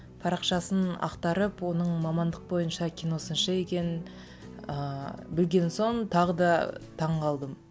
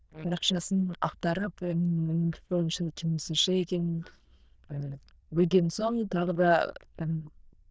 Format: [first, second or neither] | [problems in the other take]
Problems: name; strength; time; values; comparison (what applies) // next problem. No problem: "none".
first | noise reduction (neural diffusion model UNIVERSE++)